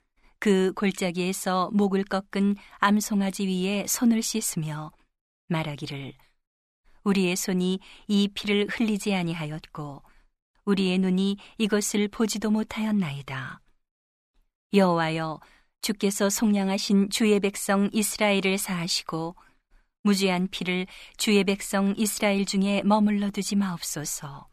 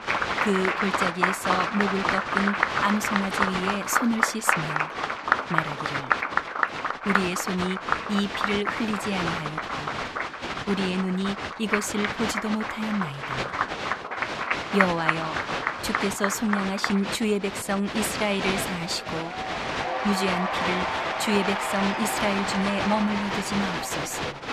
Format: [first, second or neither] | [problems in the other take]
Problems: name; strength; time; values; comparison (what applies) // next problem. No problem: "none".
first | crowd noise; very loud; throughout; 1 dB above the speech